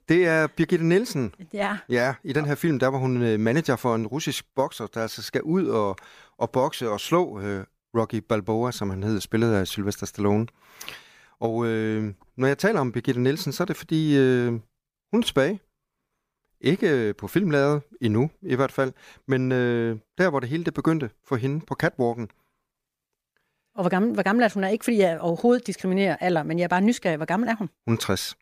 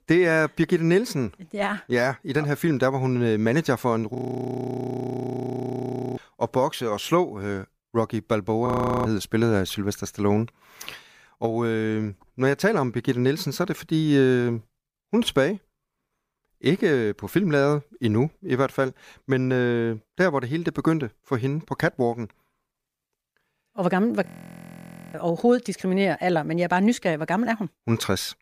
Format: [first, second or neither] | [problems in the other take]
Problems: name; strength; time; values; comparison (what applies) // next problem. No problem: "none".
first | audio freezing; at 4 s for 2 s, at 8.5 s and at 24 s for 1 s